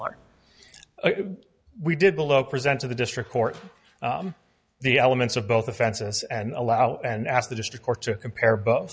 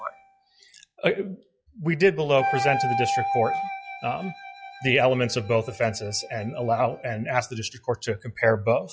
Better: first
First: none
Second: noise reduction (classical method log-MMSE)

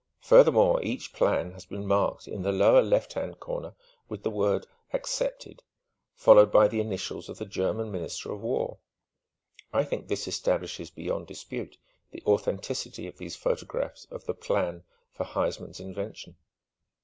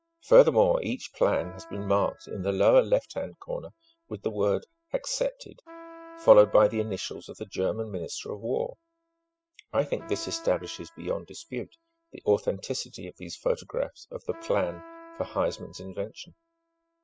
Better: first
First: none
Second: noise reduction (classical method spectral subtraction)

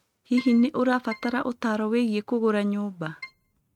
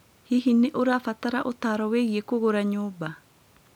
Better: second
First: noise reduction (neural mask model RNNoise)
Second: none

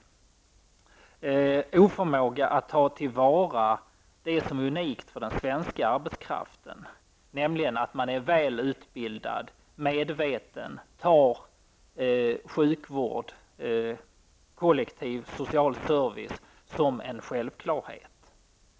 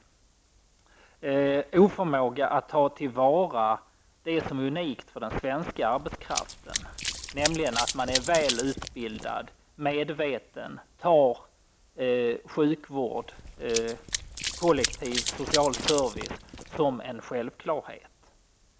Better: first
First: none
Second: background sound (Run); 6 dB below the speech

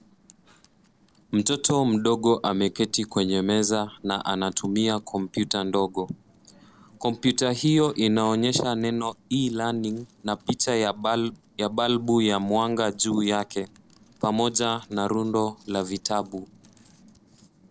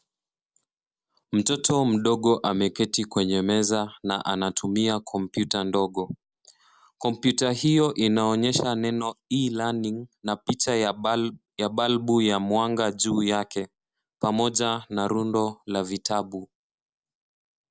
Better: second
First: noise reduction (neural separator model SepFormer DNS4)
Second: none

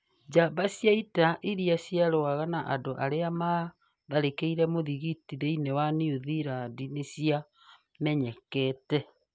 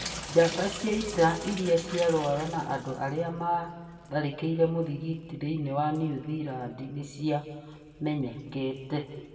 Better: first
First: none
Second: background sound (Drip / Sink (filling or washing)); 15 dB below the speech // room echo; dies away in 1.3 s

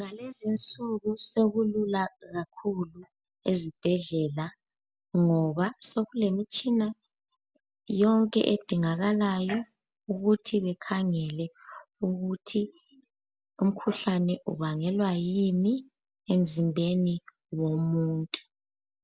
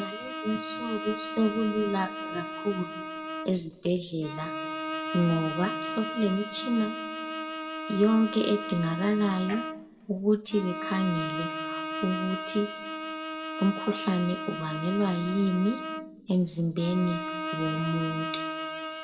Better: first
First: none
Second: background sound (Bowed string instrument); 6 dB below the speech // room echo; dies away in 1 s

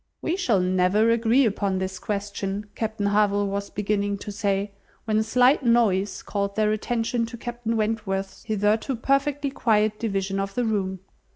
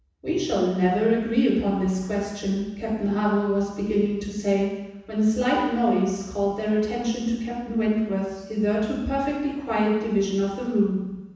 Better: first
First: none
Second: room echo; dies away in 1.1 s

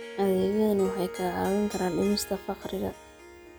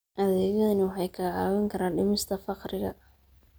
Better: second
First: background sound (Harp); 13 dB below the speech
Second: none

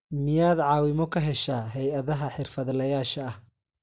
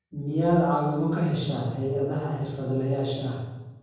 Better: first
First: none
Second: room echo; dies away in 1.3 s

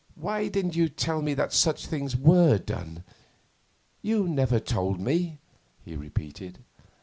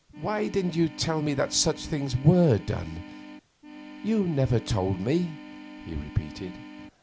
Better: first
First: none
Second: background sound (Organ); 16 dB below the speech

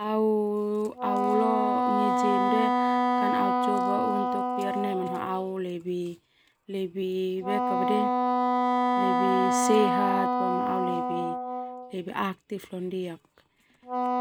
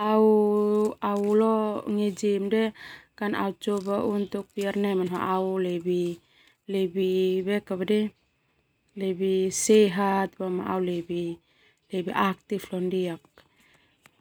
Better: second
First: background sound (Wind instrument, woodwind instrument); 3 dB above the speech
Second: none

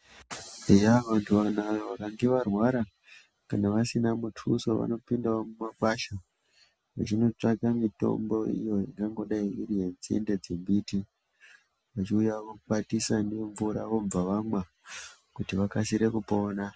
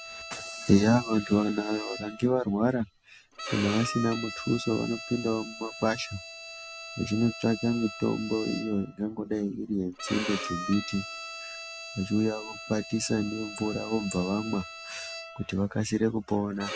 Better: first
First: none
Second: background sound (Bowed string instrument); 11 dB below the speech

